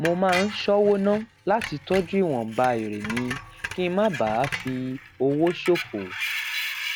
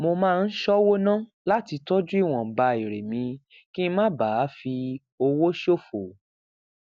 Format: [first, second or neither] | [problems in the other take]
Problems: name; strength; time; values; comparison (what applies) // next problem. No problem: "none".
second | background sound (Screech); 9 dB below the speech